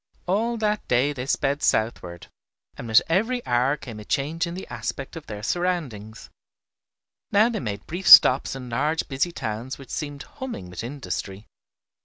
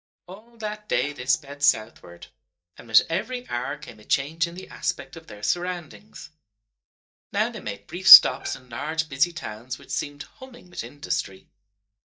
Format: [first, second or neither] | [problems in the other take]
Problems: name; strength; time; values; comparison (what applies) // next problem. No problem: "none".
first | noise reduction (neural mask model DeepFilterNet 3)